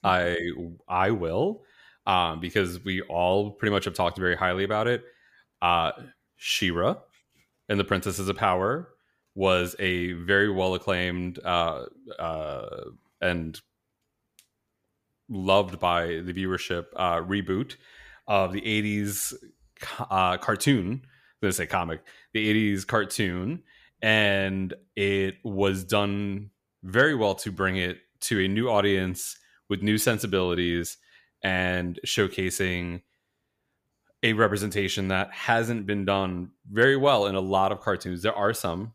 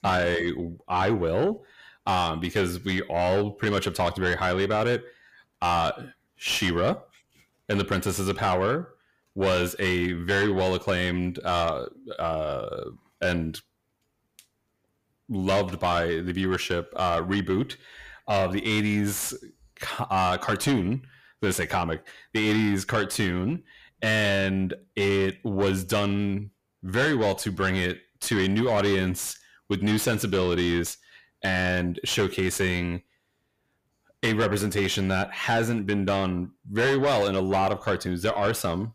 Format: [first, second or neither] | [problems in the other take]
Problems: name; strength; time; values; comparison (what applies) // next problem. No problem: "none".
first | distortion; heavy; 8 dB below the speech